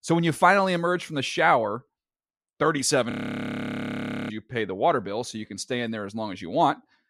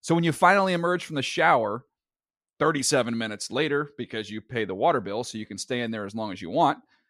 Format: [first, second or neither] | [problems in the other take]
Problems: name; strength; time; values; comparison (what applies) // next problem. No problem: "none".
second | audio freezing; at 3 s for 1 s